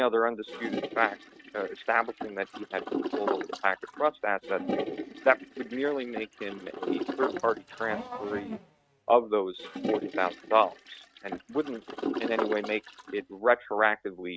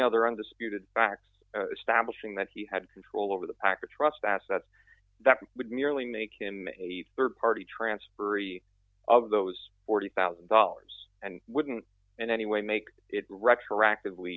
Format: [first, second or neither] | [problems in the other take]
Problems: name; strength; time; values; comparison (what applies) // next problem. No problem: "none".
second | noise reduction (neural mask model RNNoise)